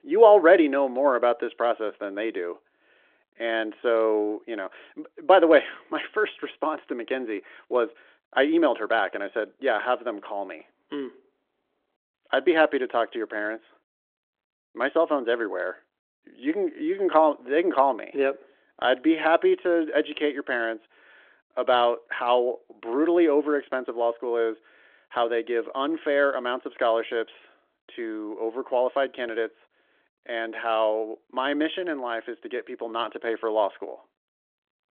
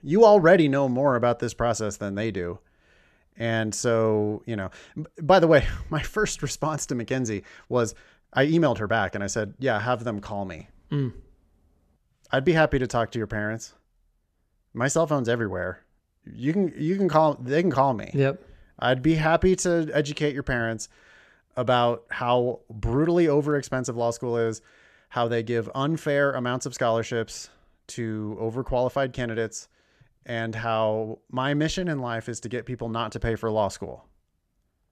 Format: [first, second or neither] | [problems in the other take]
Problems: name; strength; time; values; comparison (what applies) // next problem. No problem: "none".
second | phone-call audio; nothing above 3.5 kHz